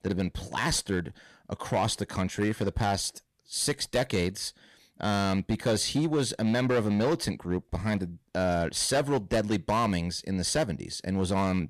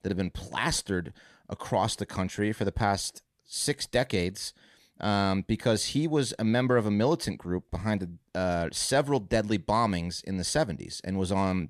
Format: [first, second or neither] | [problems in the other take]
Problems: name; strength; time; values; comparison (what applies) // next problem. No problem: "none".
second | distortion; slight; 6% of the sound clipped